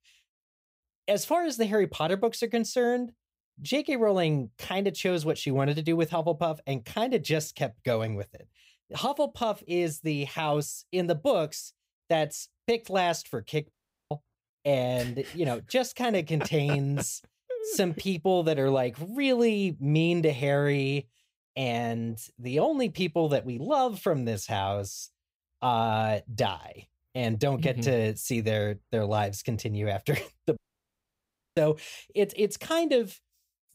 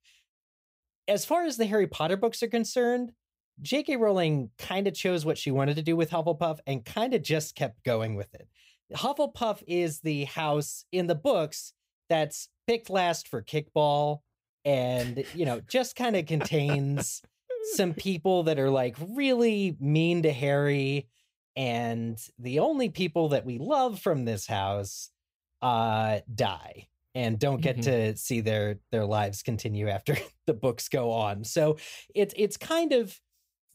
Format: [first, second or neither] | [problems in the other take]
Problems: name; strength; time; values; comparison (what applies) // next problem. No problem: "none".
second | audio cutting out; at 14 s and at 31 s for 1 s